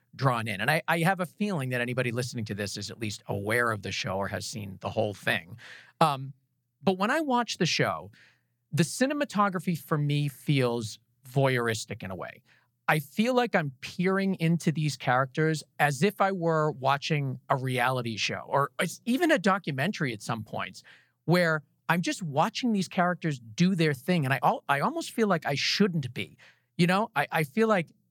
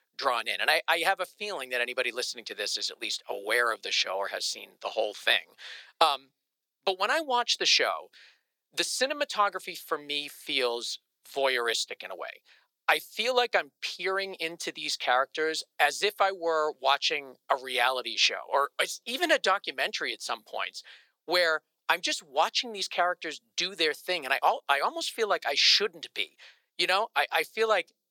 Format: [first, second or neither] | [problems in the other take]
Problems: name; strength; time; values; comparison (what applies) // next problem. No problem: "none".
first | thin; very; fading below 400 Hz